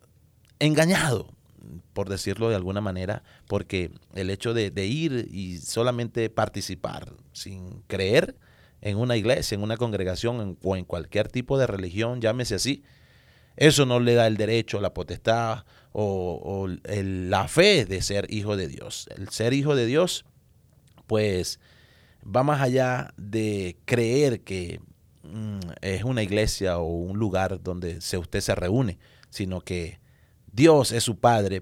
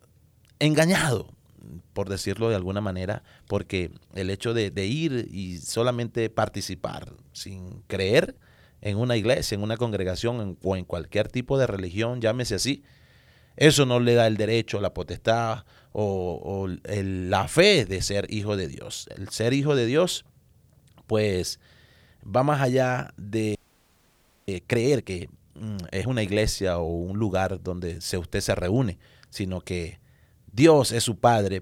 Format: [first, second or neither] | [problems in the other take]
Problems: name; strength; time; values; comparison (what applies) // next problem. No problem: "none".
first | audio freezing; at 24 s for 1 s